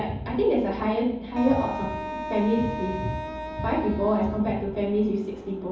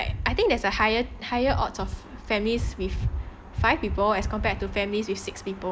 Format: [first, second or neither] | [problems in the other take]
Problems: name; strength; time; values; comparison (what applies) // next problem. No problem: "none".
second | background sound (Wind instrument, woodwind instrument); 9 dB below the speech // room echo; dies away in 0.9 s